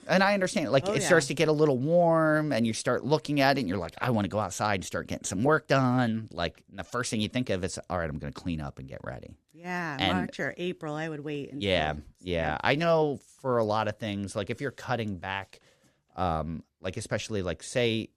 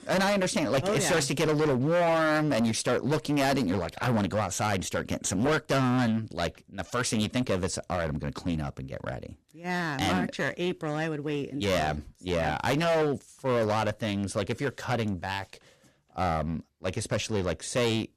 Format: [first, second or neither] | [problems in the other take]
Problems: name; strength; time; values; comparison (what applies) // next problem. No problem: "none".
first | distortion; heavy; 14% of the sound clipped